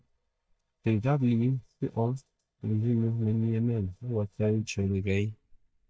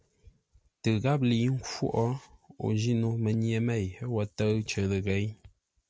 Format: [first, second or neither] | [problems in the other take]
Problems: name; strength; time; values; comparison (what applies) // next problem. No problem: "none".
second | noise reduction (neural mask model DeepFilterNet 3)